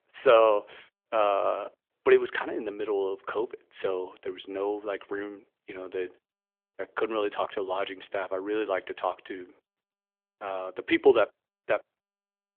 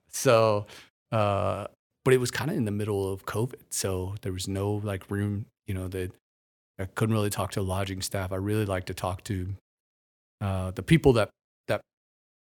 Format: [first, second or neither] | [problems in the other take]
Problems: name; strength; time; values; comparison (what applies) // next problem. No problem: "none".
second | phone-call audio; nothing above 3.5 kHz